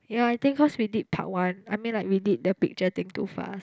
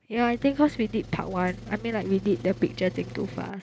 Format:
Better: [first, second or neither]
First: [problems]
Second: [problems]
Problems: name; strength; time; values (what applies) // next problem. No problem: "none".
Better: first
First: none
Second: background sound (Engine); 14 dB below the speech